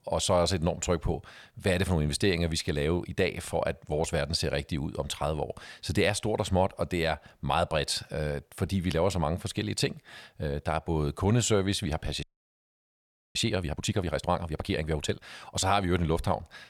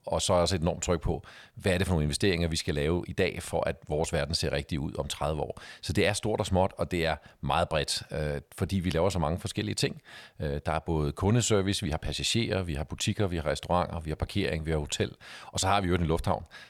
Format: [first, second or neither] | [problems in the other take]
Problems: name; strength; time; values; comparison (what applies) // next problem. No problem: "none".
second | audio freezing; at 12 s for 1 s